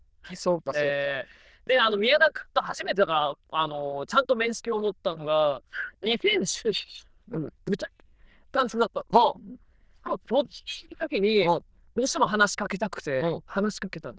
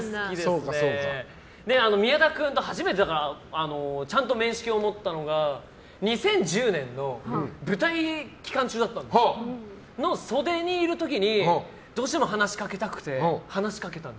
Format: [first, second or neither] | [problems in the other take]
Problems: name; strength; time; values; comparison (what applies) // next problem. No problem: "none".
second | noise reduction (neural diffusion model UNIVERSE++)